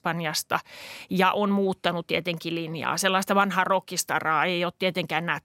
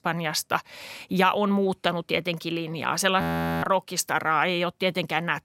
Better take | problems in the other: first | audio freezing; at 3 s

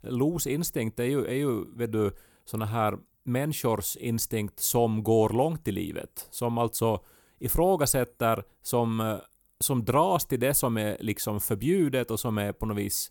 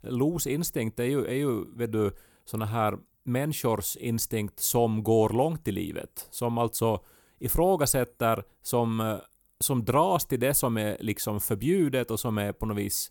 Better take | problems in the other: neither | none

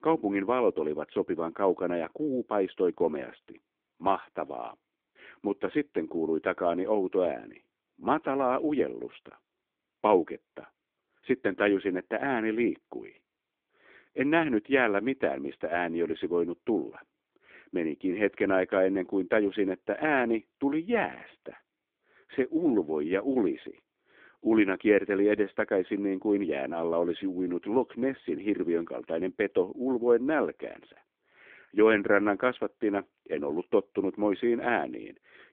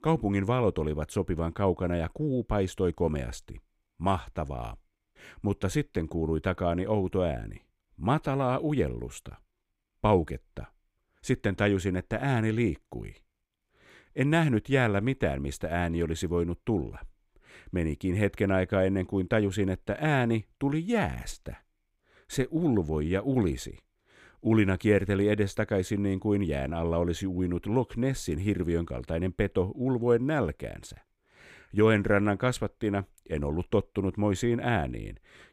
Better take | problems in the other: second | phone-call audio; nothing above 3.5 kHz

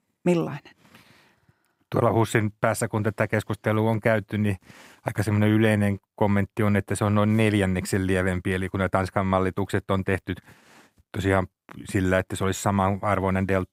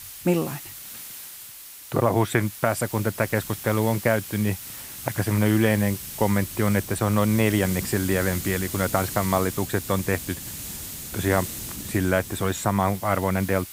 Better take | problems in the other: first | hiss; loud; throughout; 9 dB below the speech

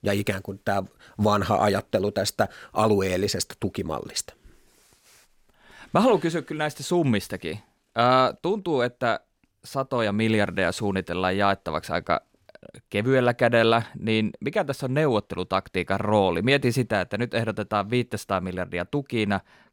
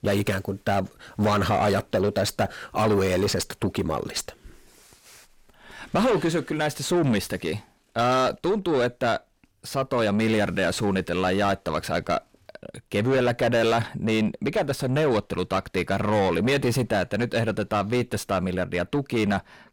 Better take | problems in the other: first | distortion; heavy; 7 dB below the speech

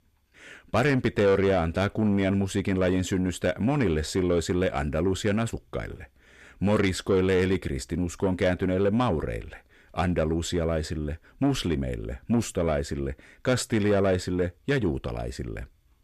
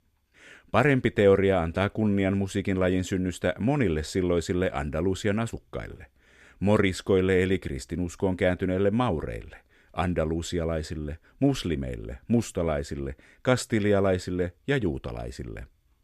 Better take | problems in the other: second | distortion; slight; 10 dB below the speech

